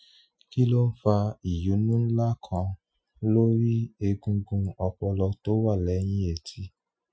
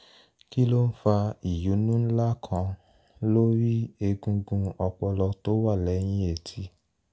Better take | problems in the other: second | noise reduction (classical method Wiener filter)

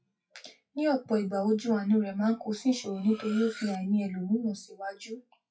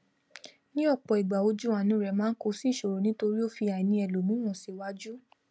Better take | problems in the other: second | noise reduction (classical method WPE with log-MMSE)

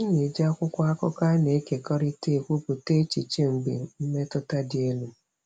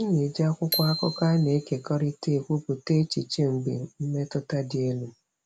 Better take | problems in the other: first | background sound (Bicycle bell); 11 dB below the speech

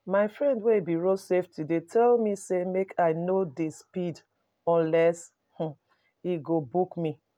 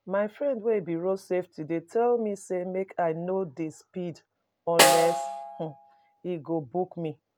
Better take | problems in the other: first | background sound (Snare drum); 2 dB above the speech

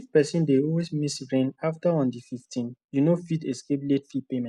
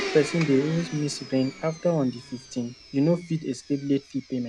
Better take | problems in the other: first | background sound (Domestic sounds, home sounds); 13 dB below the speech

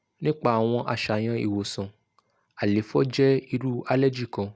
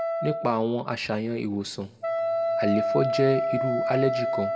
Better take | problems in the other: first | background sound (Wind instrument, woodwind instrument); as loud as the speech // room echo; dies away in 1.8 s

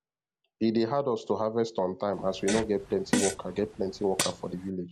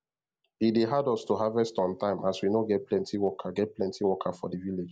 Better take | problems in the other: second | background sound (Fart); 5 dB below the speech

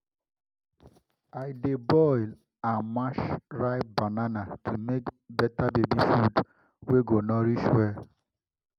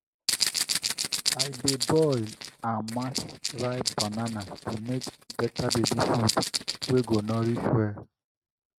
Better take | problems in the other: first | noise reduction (neural mask model RNNoise)

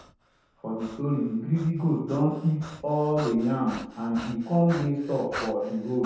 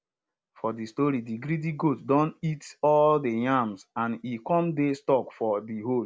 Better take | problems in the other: second | background sound (Breathing); 16 dB below the speech // room echo; dies away in 0.9 s

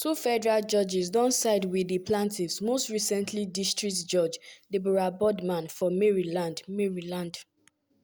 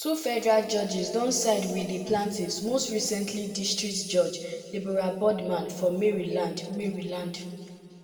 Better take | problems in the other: first | room echo; dies away in 2 s

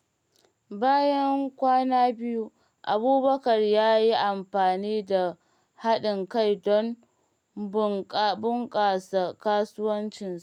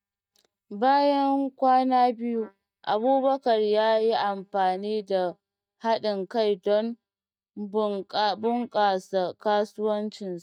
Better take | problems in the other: first | noise reduction (neural mask model DeepFilterNet 3)

